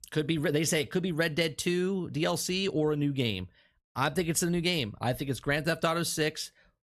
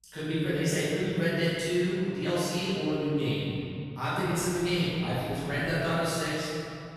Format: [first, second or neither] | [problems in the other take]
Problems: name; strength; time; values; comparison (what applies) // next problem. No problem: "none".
first | off-mic speech; far // room echo; strong; dies away in 2.4 s